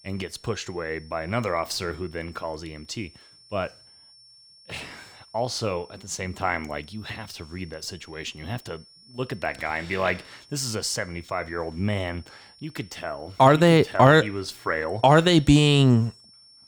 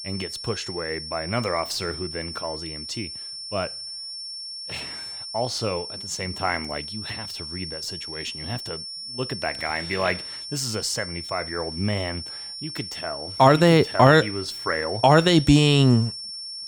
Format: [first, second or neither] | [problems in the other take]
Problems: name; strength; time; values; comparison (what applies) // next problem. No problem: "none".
first | high-pitched whine; loud; throughout; 5.5 kHz, 9 dB below the speech; faint in the first